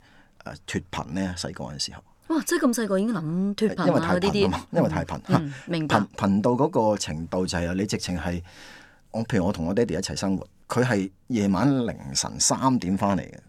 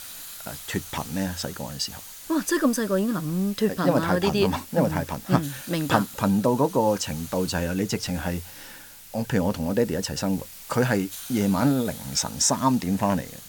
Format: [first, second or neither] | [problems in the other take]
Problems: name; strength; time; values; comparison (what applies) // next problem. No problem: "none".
first | hiss; noticeable; throughout; 15 dB below the speech